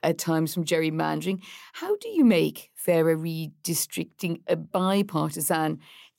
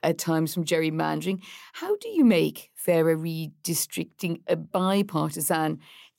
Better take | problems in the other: neither | none

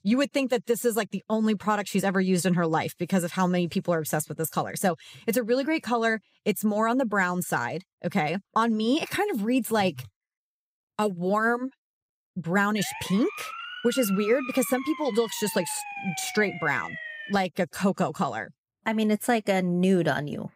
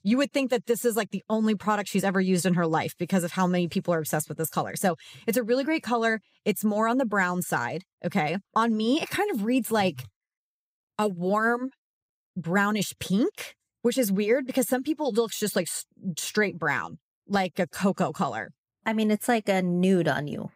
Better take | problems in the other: second | siren; noticeable; from 13 to 17 s; peak 9 dB below the speech

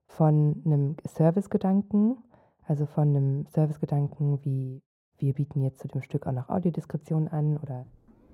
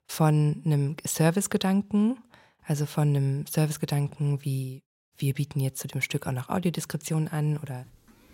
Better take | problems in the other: second | muffled; very; fading above 1.5 kHz

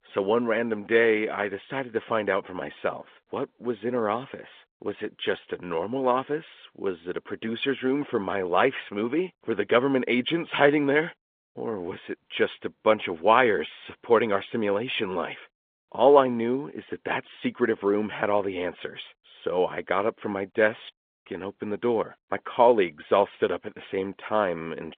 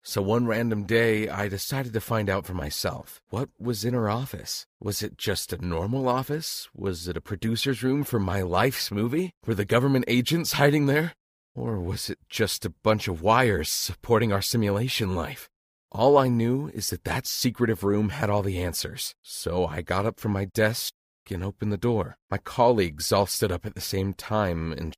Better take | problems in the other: second | phone-call audio; nothing above 3.5 kHz

